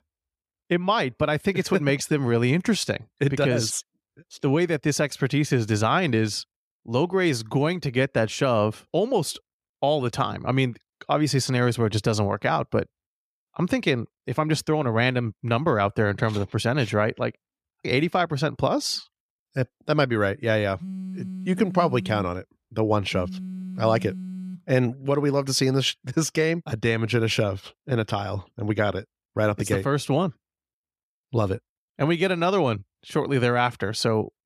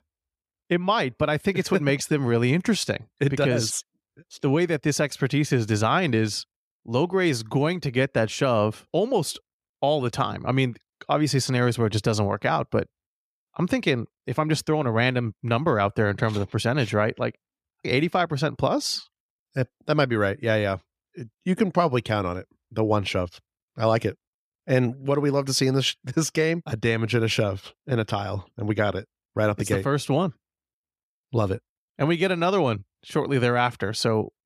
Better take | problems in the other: second | phone ringing; noticeable; from 21 to 25 s; peak 9 dB below the speech

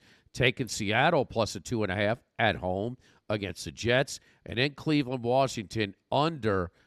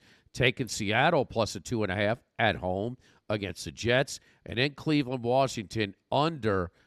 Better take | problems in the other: neither | none

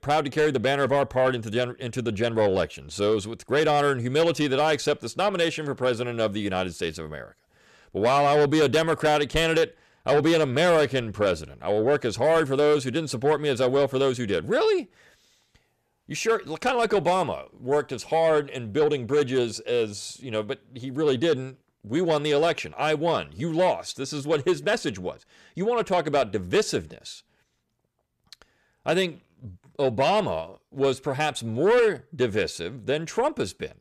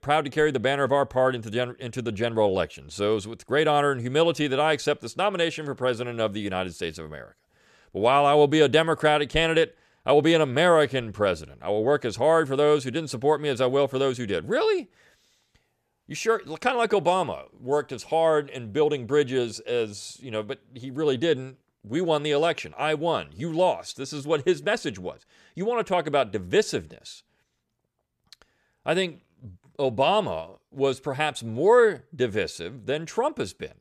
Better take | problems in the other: second | distortion; slight; 10 dB below the speech

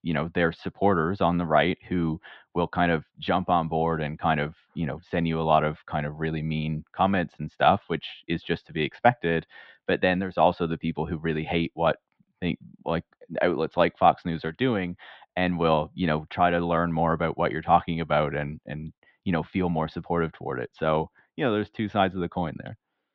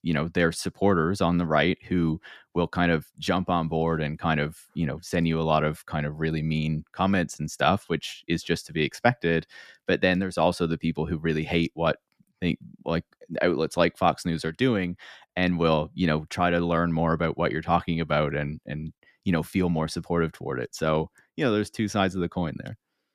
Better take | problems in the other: second | muffled; very; fading above 3.5 kHz

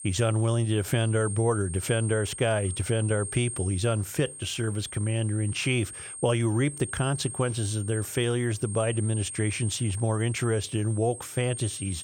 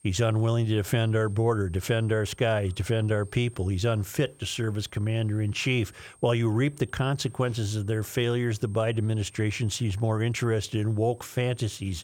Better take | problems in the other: second | high-pitched whine; loud; throughout; 8.5 kHz, 9 dB below the speech; faint in the second

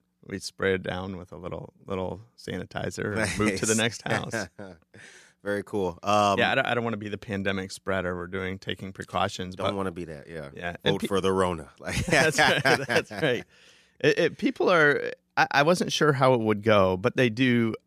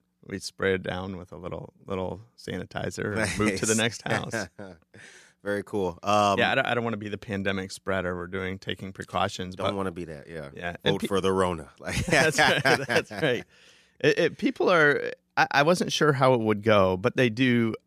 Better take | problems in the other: neither | none

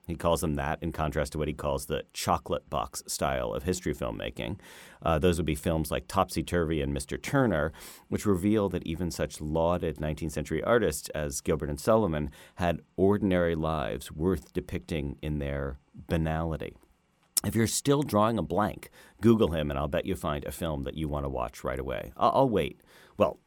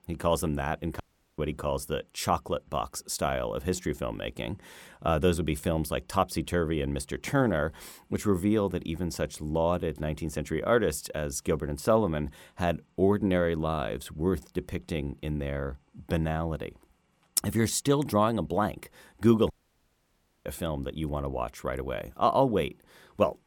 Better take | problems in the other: first | audio cutting out; at 1 s and at 20 s for 1 s

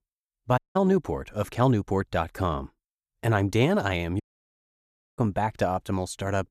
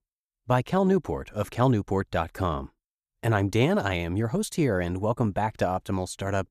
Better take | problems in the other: second | audio cutting out; at 0.5 s and at 4 s for 1 s

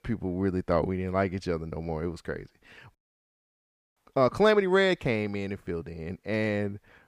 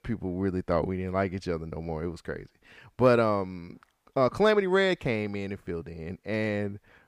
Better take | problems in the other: second | audio cutting out; at 3 s for 1 s

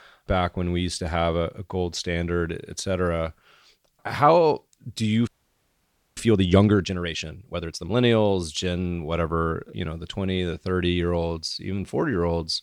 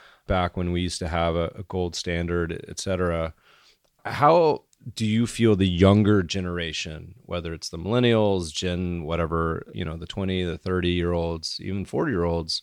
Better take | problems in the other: second | audio freezing; at 5.5 s for 1 s

